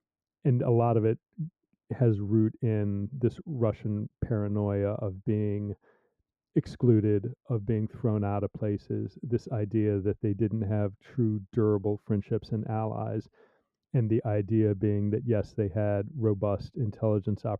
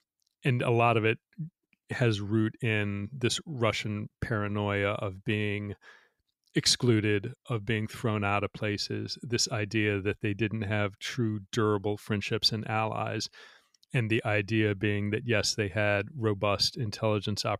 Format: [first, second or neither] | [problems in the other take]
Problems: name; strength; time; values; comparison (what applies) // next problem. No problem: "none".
second | muffled; very; fading above 1.5 kHz